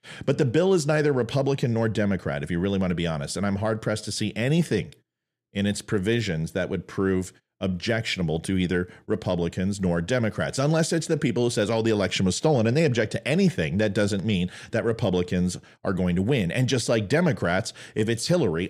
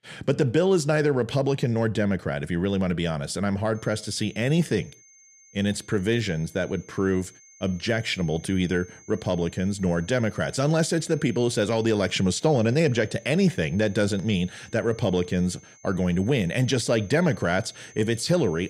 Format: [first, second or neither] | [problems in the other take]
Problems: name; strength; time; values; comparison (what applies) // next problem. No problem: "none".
first | high-pitched whine; faint; from 4 s on; 6.5 kHz, 25 dB below the speech